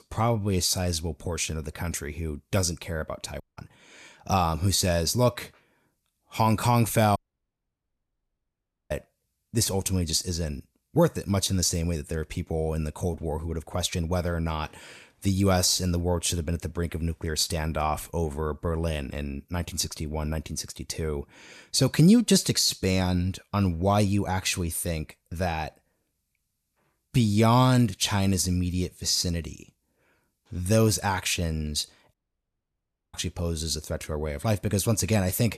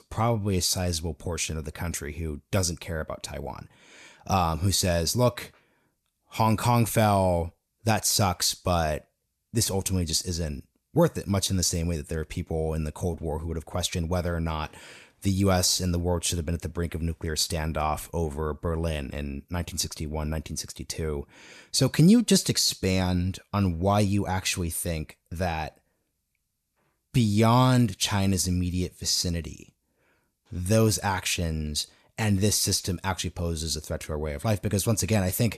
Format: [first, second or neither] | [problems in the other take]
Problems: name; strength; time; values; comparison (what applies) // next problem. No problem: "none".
second | audio cutting out; at 3.5 s, at 7 s for 1.5 s and at 32 s for 1 s